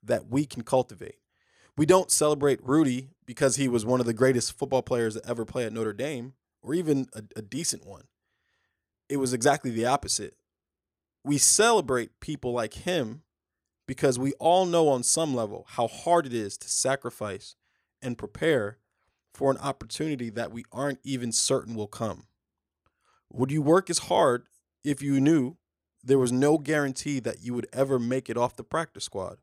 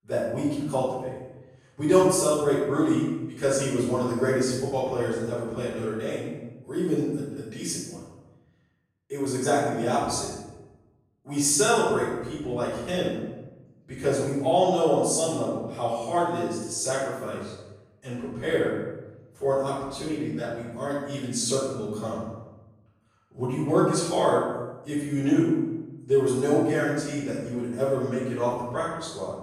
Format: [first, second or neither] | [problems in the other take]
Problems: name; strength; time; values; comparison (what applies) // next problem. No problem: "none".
first | room echo; strong; dies away in 0.9 s // off-mic speech; far